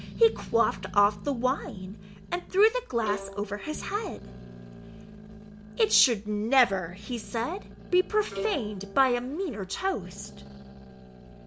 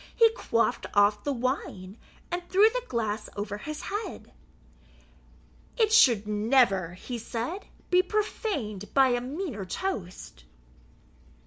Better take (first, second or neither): second